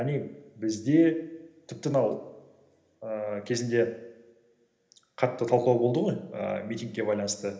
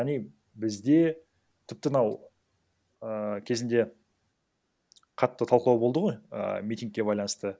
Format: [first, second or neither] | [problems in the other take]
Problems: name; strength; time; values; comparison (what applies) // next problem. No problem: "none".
second | room echo; dies away in 0.8 s